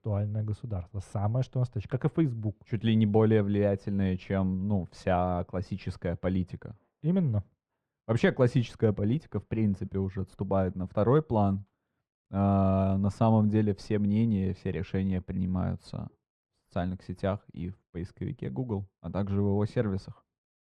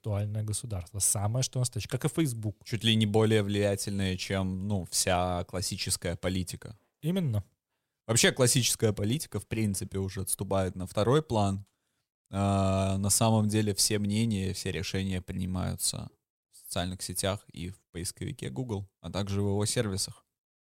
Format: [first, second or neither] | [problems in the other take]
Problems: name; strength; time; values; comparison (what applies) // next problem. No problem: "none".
second | muffled; very; fading above 1.5 kHz